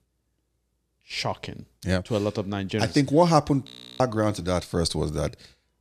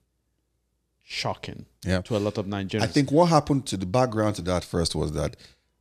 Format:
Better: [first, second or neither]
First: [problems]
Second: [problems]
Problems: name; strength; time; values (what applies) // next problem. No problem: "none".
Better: second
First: audio freezing; at 3.5 s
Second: none